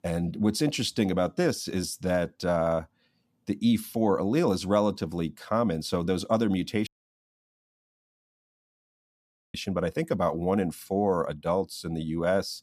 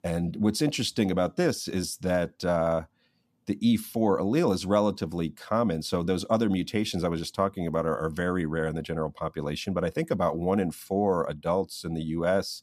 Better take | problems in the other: second | audio cutting out; at 7 s for 2.5 s

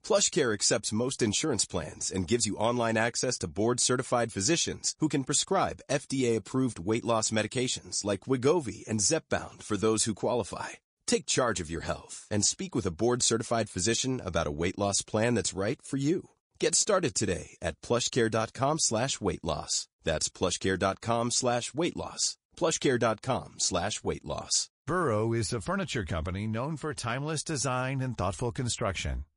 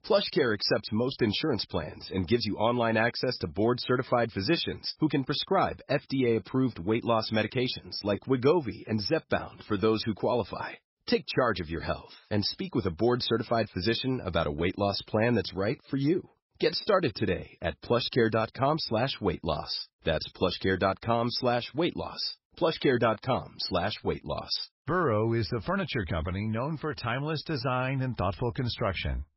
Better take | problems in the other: first | garbled, watery; badly; nothing above 5.5 kHz; slightly in the first

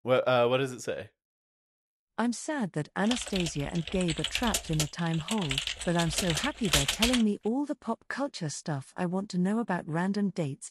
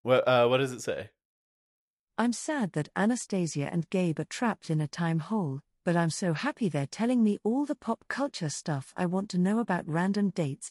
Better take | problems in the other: second | keyboard typing; loud; from 3 to 7 s; peak 6 dB above the speech

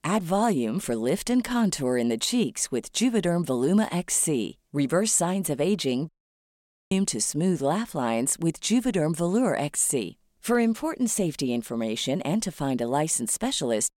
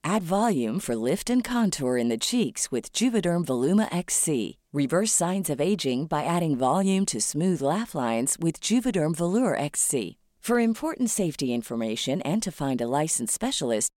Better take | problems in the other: second | audio cutting out; at 6 s for 1 s

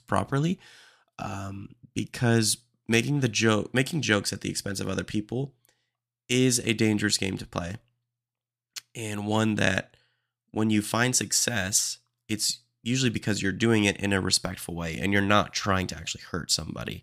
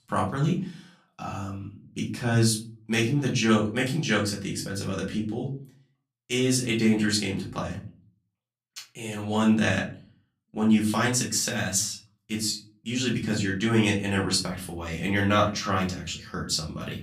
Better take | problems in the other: first | off-mic speech; far // room echo; slight; dies away in 0.3 s

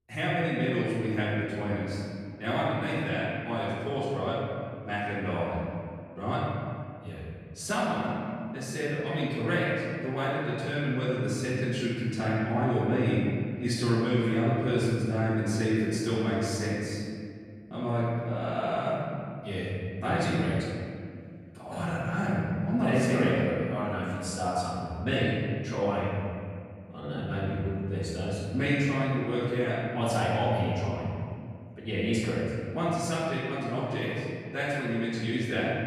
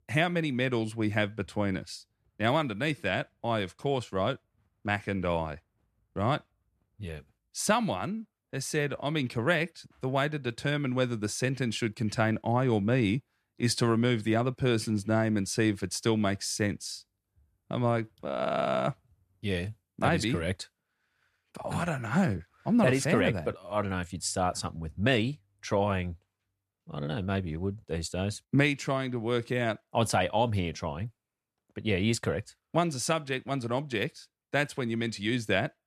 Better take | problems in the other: second | off-mic speech; far // room echo; strong; dies away in 2.1 s

